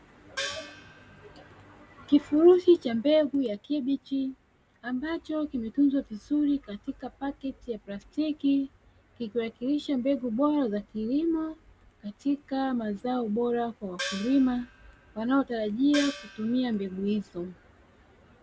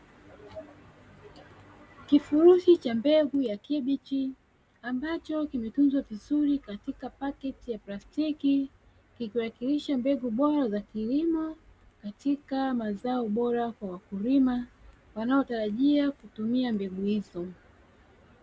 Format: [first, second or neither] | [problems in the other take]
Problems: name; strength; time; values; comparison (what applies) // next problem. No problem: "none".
second | background sound (Gong); 13 dB below the speech